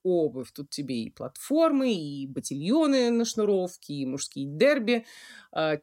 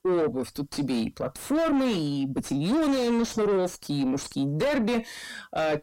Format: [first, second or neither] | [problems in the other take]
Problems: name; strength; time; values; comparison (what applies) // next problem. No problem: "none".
first | distortion; heavy; 5 dB below the speech